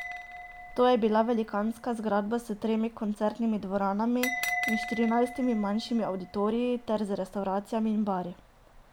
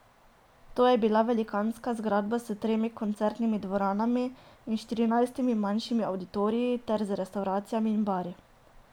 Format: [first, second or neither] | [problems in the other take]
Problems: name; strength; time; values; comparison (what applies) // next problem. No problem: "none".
second | background sound (Bell); 12 dB below the speech